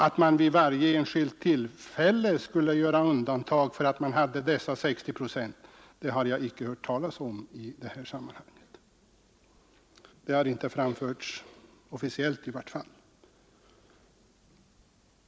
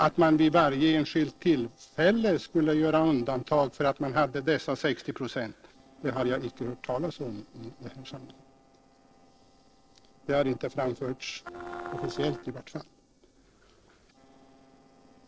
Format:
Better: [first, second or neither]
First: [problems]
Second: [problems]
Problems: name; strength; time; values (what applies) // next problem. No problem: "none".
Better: first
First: none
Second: noise reduction (neural separator model SepFormer DNS4)